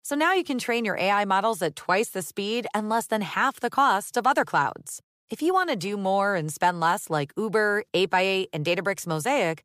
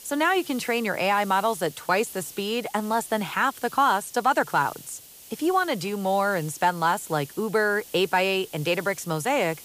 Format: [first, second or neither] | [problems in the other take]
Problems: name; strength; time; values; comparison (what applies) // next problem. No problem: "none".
first | hiss; noticeable; throughout; 20 dB below the speech